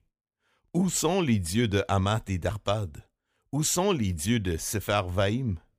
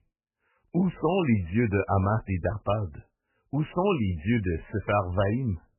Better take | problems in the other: first | garbled, watery; badly; nothing above 3 kHz

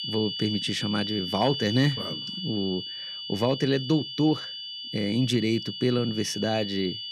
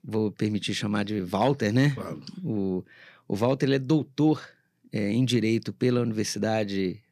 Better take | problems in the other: second | high-pitched whine; loud; throughout; 3 kHz, 6 dB below the speech

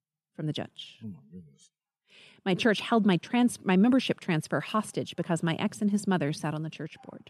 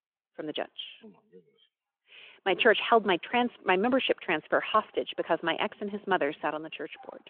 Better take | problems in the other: first | phone-call audio

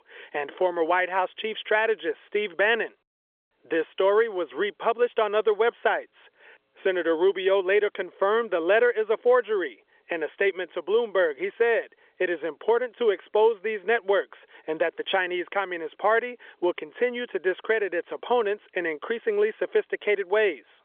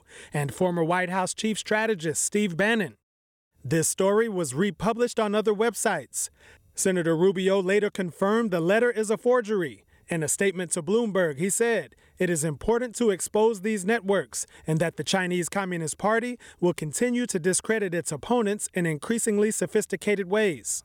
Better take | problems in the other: second | phone-call audio; nothing above 3.5 kHz

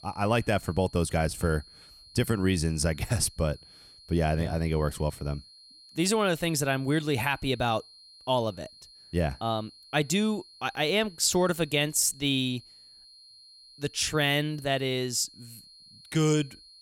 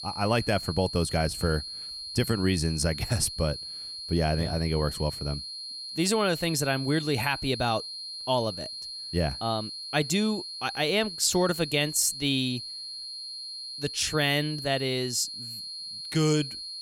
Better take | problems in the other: first | high-pitched whine; loud; throughout; 4.5 kHz, 8 dB below the speech; faint in the first

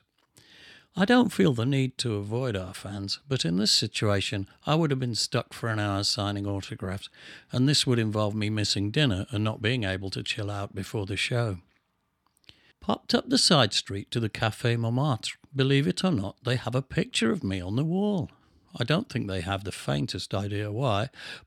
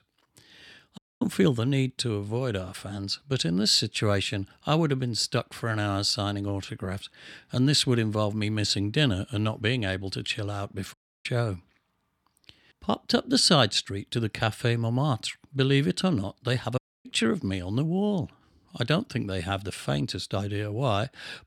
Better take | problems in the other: first | audio cutting out; at 1 s, at 11 s and at 17 s

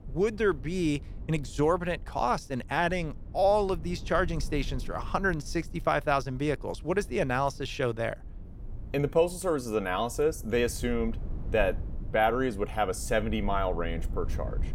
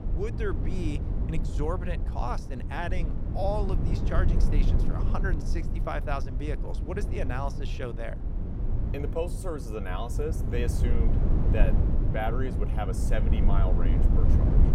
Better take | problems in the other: first | low rumble; loud; throughout; 6 dB below the speech; faint in the first

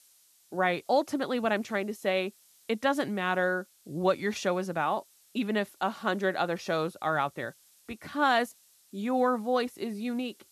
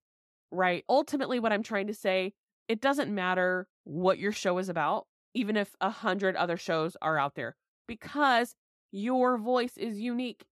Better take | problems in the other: second | hiss; faint; throughout; 30 dB below the speech

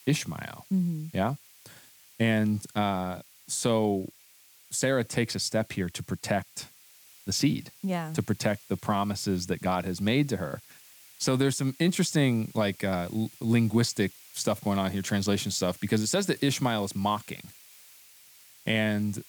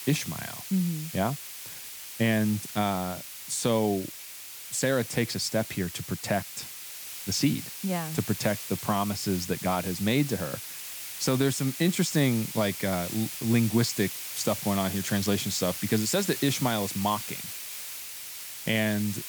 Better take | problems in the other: first | hiss; loud; throughout; 7 dB below the speech; faint in the first

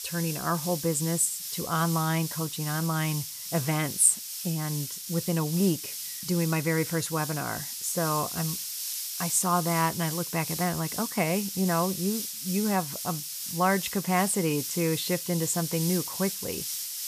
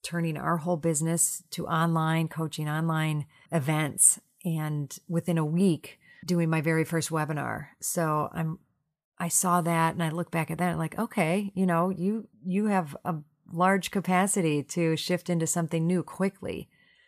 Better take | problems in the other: second | hiss; loud; throughout; 5 dB below the speech

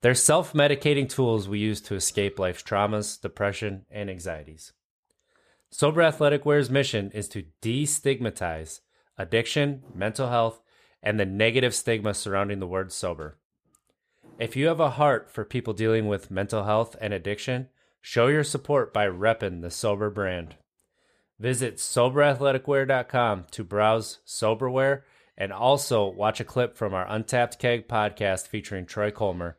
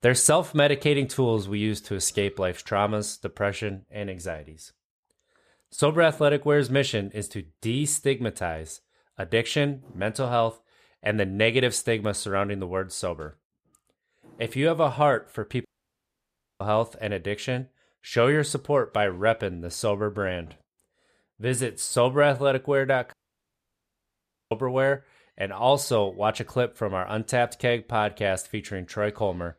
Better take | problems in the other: first | audio cutting out; at 16 s for 1 s and at 23 s for 1.5 s

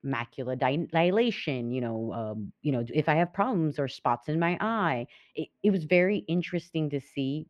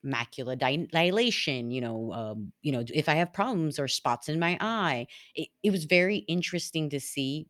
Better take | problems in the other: second | muffled; very; fading above 4 kHz

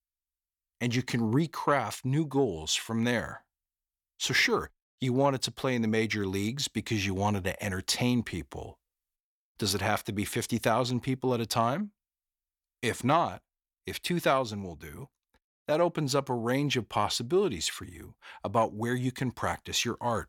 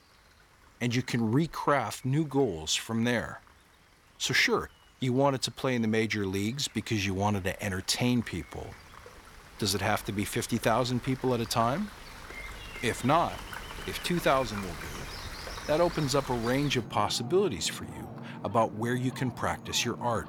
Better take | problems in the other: first | rain or running water; noticeable; throughout; 15 dB below the speech

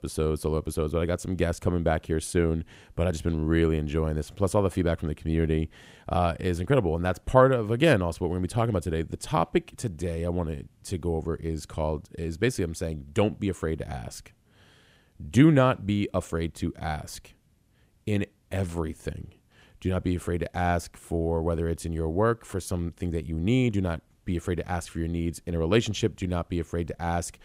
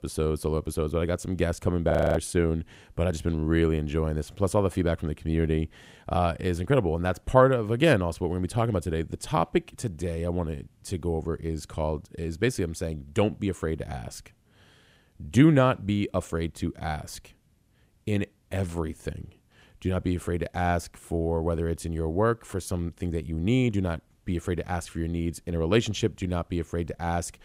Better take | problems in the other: first | audio freezing; at 2 s

